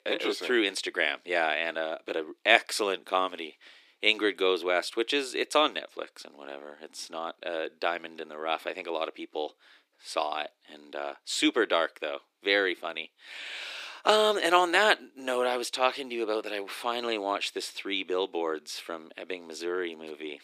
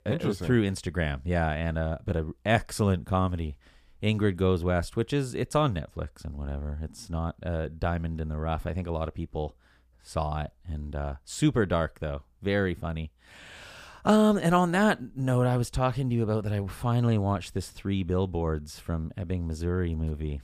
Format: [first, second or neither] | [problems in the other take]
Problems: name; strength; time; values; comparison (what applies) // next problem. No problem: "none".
second | thin; very; fading below 300 Hz